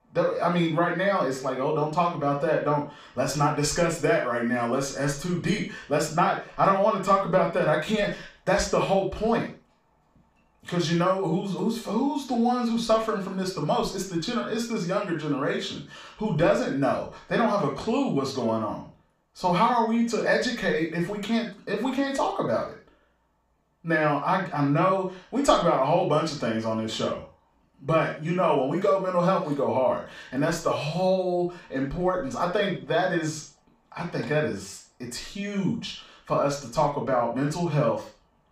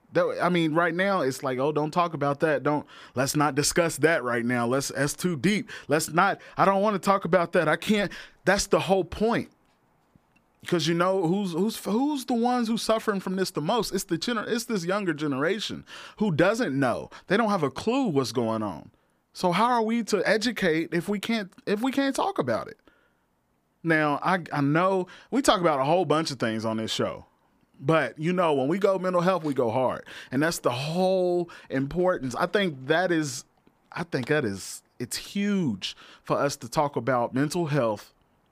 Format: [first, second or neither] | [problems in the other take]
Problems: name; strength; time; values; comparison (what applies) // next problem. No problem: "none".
second | room echo; noticeable; dies away in 0.3 s // off-mic speech; far